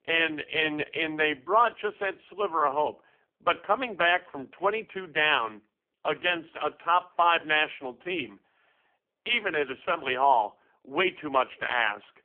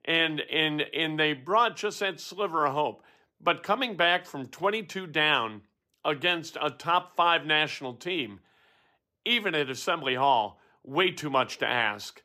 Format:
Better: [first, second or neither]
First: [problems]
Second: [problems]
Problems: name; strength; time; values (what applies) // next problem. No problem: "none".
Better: second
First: phone-call audio; poor line; nothing above 3.5 kHz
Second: none